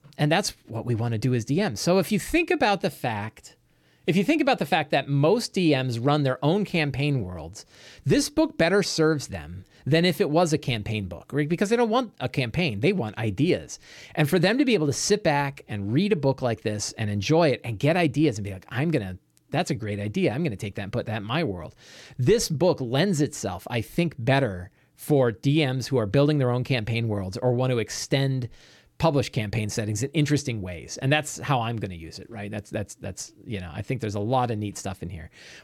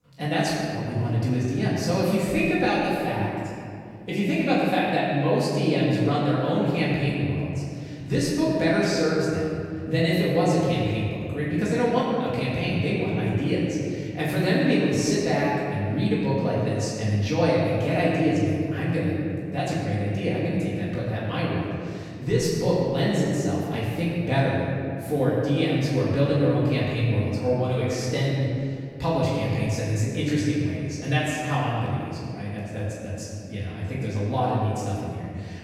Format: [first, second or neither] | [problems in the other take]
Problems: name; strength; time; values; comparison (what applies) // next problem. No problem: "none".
first | off-mic speech; far // room echo; strong; dies away in 2.3 s